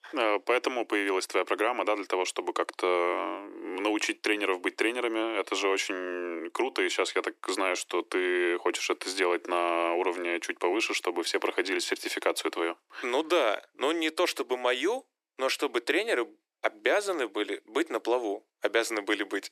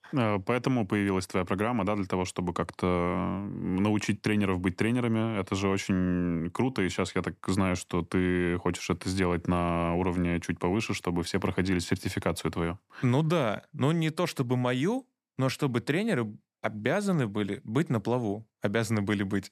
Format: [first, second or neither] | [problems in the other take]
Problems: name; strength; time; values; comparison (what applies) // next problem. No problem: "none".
second | thin; very; fading below 300 Hz